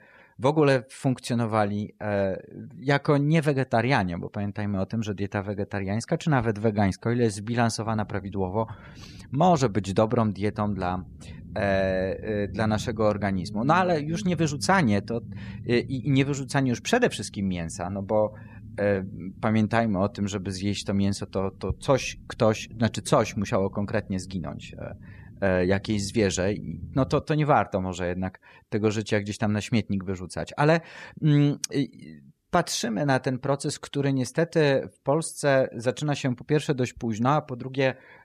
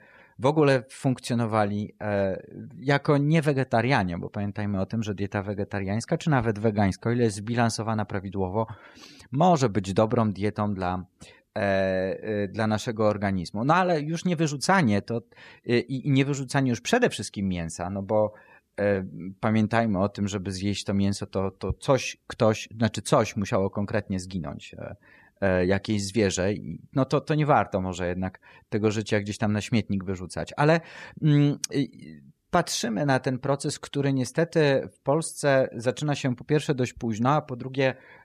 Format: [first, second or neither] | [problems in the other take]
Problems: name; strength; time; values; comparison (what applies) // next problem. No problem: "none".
second | low rumble; faint; from 8 to 27 s; 25 dB below the speech